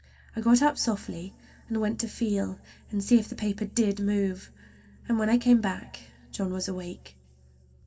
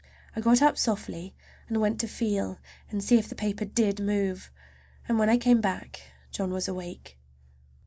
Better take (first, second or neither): second